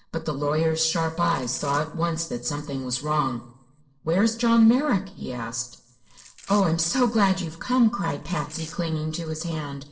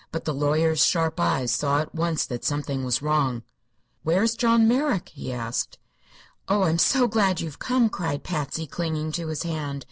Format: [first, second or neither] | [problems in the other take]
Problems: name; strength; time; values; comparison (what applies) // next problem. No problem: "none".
second | noise reduction (neural separator model SepFormer DNS4)